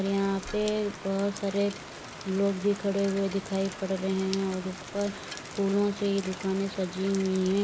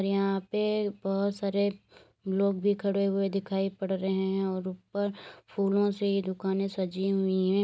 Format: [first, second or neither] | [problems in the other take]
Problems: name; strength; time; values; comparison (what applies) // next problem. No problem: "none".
second | background sound (Rain); 12 dB below the speech